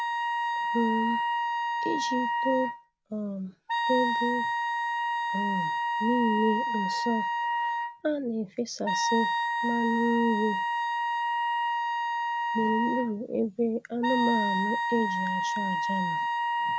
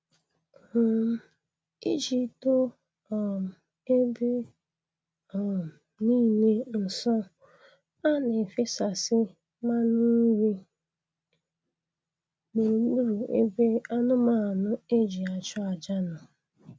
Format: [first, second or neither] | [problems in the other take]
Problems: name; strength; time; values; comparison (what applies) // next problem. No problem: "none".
second | background sound (Wind instrument, woodwind instrument); 2 dB above the speech